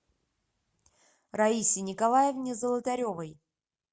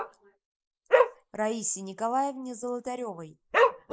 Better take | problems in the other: first | noise reduction (neural mask model Resemble Enhance denoiser)

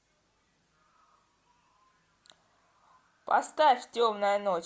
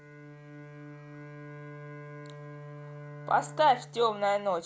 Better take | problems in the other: first | background sound (Bowed string instrument); 13 dB below the speech

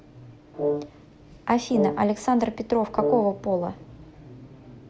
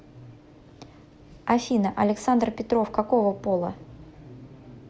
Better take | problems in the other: second | background sound (Brass instrument); 4 dB below the speech

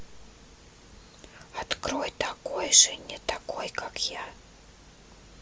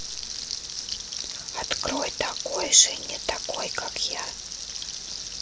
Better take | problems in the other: first | background sound (Frying (food)); 6 dB below the speech

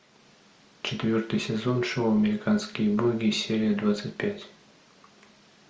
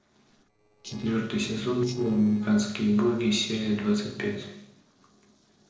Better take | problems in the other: first | noise reduction (neural separator model SepFormer DNS4)

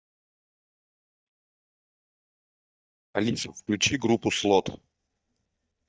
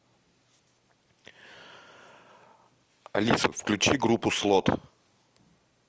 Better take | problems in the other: second | noise reduction (neural mask model DeepFilterNet 3)

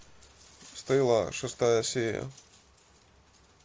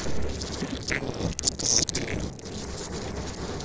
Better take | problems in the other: first | noise reduction (neural separator model SepFormer DNS4)

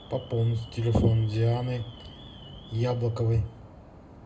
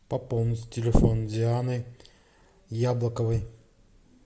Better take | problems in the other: second | background sound (Alarm); 17 dB below the speech // room echo; dies away in 0.2 s

